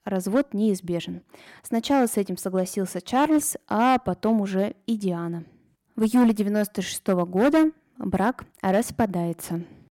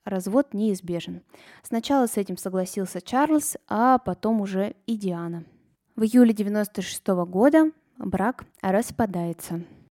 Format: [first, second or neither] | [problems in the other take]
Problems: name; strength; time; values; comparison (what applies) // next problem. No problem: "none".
second | distortion; slight; 4% of the sound clipped